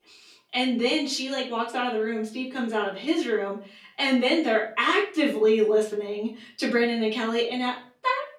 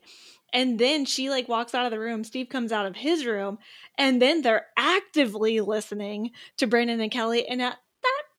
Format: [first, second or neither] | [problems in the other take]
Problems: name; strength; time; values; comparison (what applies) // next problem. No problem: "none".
second | off-mic speech; far // room echo; slight; dies away in 0.4 s